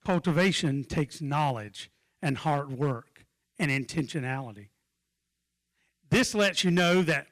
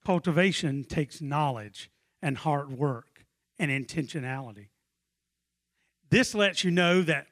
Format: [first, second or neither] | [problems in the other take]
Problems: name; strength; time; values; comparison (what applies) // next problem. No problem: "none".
second | distortion; slight; 3% of the sound clipped